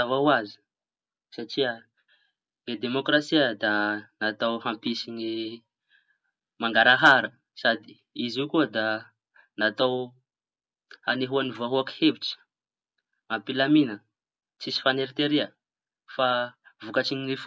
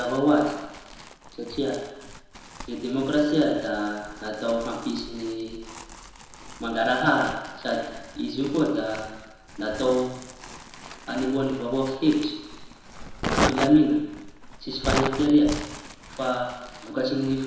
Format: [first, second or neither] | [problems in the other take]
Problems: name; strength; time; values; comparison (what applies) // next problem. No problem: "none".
first | background sound (Crumpling, crinkling); 9 dB below the speech // room echo; dies away in 1 s